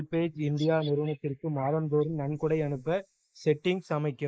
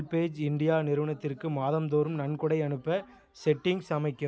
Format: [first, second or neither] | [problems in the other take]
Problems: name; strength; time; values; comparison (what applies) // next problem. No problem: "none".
second | noise reduction (neural mask model Resemble Enhance denoiser)